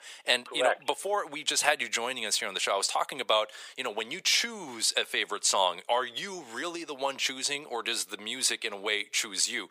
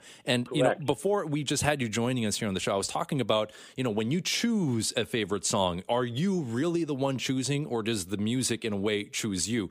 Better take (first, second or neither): second